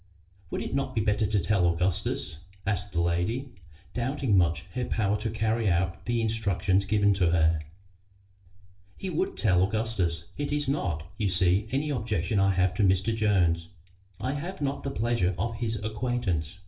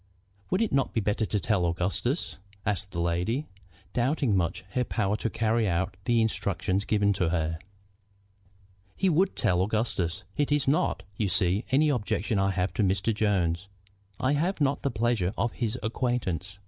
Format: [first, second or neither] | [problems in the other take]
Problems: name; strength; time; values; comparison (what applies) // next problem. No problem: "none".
second | room echo; dies away in 0.3 s